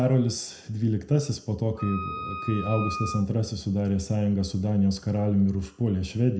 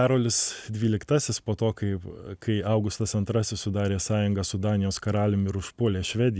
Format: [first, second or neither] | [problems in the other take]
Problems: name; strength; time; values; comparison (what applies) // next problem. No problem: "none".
second | background sound (Wind instrument, woodwind instrument); 10 dB below the speech // room echo; dies away in 0.5 s